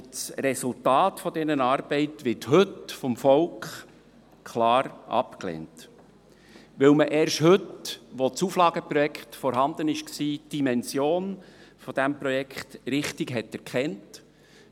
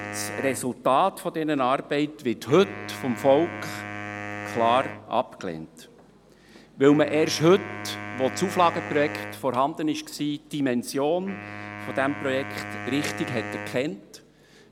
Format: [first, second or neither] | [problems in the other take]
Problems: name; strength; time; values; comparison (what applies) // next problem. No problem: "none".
first | background sound (Wind instrument, woodwind instrument); 12 dB below the speech